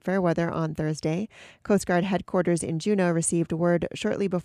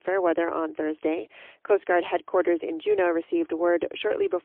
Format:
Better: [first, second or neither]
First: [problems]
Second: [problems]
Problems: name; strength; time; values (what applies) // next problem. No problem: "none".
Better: first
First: none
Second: phone-call audio; poor line; nothing above 3.5 kHz